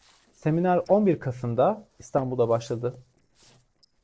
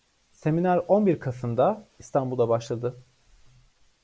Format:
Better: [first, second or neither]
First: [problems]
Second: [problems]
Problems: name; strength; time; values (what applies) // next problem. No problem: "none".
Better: second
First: noise reduction (neural separator model SepFormer DNS4)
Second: none